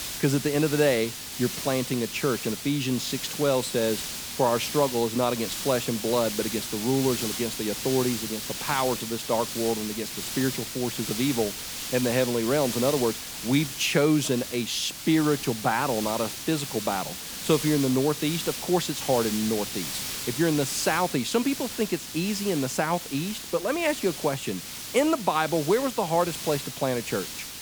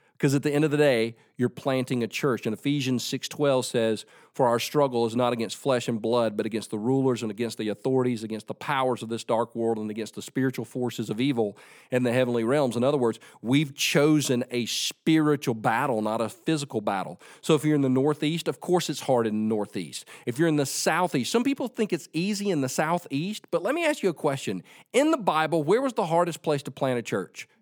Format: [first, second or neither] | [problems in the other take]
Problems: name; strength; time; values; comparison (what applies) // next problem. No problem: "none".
second | hiss; loud; throughout; 6 dB below the speech